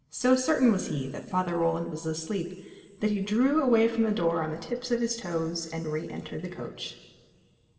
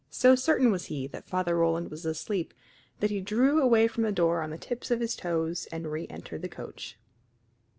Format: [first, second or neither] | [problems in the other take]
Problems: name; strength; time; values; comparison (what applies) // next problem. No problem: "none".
second | room echo; dies away in 2.1 s